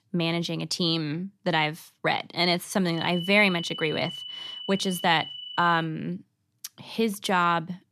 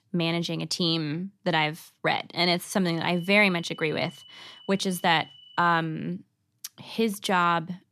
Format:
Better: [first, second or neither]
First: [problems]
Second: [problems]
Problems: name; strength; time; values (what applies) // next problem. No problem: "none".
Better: second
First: high-pitched whine; loud; from 3 to 6 s; 3 kHz, 10 dB below the speech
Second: high-pitched whine; faint; from 3 to 6 s; 3 kHz, 20 dB below the speech